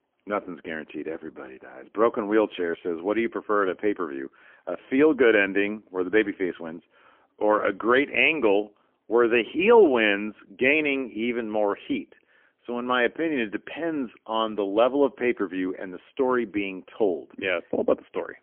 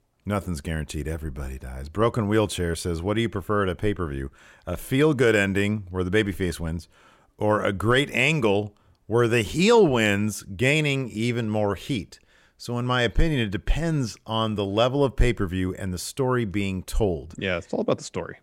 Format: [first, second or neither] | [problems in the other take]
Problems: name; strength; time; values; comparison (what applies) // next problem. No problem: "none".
second | phone-call audio; poor line; nothing above 3 kHz